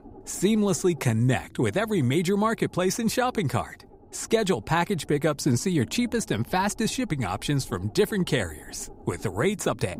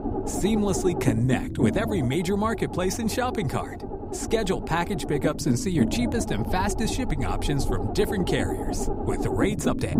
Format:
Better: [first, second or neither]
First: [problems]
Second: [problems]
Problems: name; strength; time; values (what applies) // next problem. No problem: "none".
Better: first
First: low rumble; faint; throughout; 25 dB below the speech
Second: low rumble; loud; throughout; 4 dB below the speech